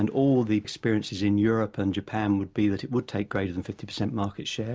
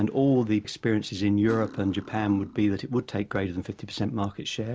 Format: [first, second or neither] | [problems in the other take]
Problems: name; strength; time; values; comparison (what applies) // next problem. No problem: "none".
first | background sound (Cutlery, silverware); 17 dB below the speech